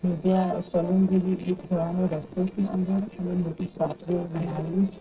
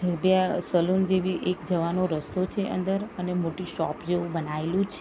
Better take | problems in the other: second | noise reduction (neural separator model SepFormer DNS4)

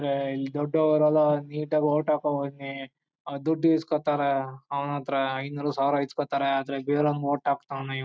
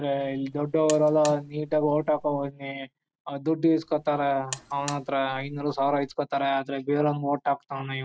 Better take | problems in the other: first | background sound (Alarm); 17 dB below the speech

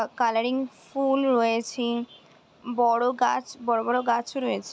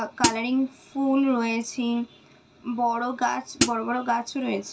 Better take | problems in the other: first | background sound (Hi-hat); 1 dB above the speech // room echo; dies away in 0.2 s

